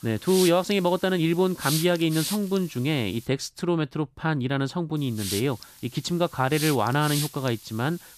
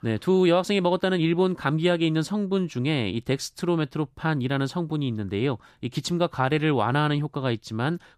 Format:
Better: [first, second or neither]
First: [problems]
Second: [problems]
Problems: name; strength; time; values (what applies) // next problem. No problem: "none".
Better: second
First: hiss; loud; until 3.5 s and from 5 s on; 7 dB below the speech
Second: none